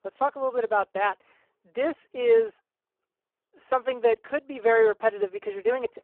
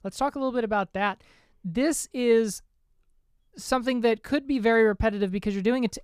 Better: second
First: phone-call audio; poor line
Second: none

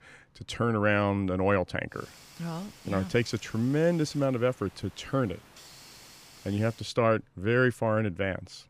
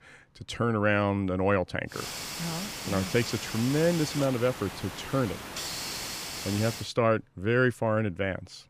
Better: first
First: hiss; faint; from 2 to 7 s; 20 dB below the speech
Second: hiss; loud; from 2 to 7 s; 7 dB below the speech

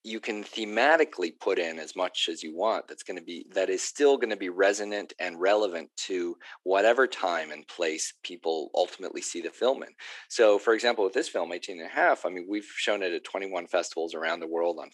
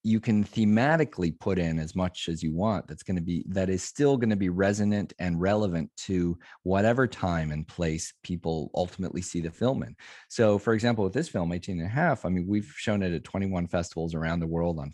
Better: second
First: thin; very; fading below 350 Hz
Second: none

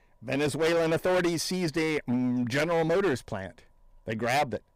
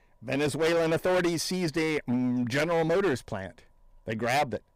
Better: neither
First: distortion; heavy; 16% of the sound clipped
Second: distortion; heavy; 16% of the sound clipped

